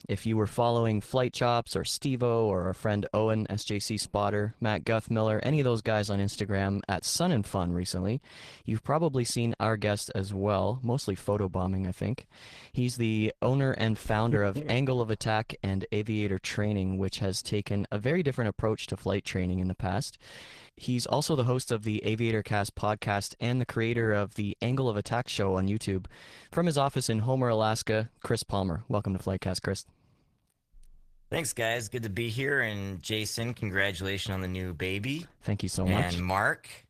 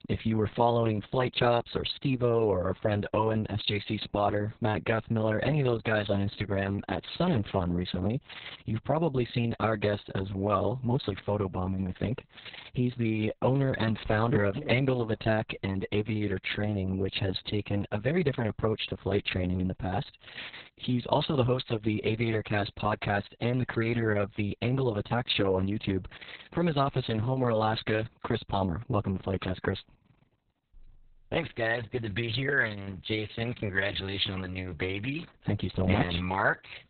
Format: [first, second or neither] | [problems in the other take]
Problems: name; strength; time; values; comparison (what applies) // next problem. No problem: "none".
first | garbled, watery; badly; nothing above 4 kHz; slightly in the first